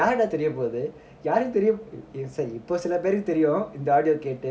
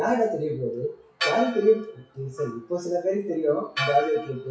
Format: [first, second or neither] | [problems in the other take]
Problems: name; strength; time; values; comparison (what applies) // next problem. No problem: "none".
first | noise reduction (classical method WPE with log-MMSE)